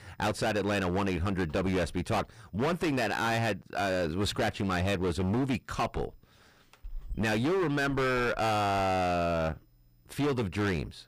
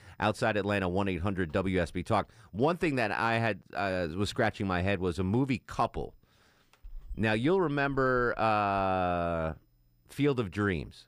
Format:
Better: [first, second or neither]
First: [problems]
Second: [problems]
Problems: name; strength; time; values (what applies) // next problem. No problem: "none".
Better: second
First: distortion; heavy; 21% of the sound clipped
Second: none